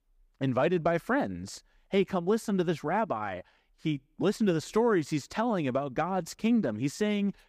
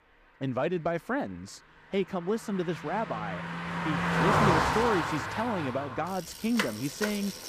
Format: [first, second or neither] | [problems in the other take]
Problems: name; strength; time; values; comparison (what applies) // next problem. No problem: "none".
first | traffic noise; very loud; throughout; 2 dB above the speech